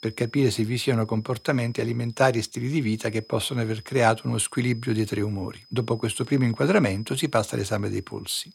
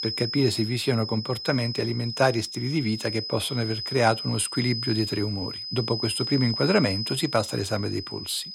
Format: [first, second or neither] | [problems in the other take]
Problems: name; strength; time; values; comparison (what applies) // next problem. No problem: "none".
first | high-pitched whine; loud; throughout; 5 kHz, 5 dB below the speech; faint in the first